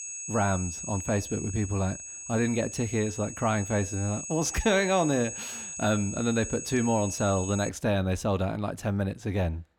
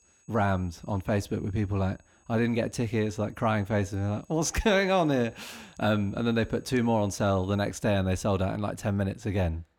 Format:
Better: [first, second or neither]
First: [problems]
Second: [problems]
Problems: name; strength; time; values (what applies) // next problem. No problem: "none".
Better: second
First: high-pitched whine; loud; until 7.5 s; 6.5 kHz, 8 dB below the speech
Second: high-pitched whine; faint; until 7.5 s; 6.5 kHz, 35 dB below the speech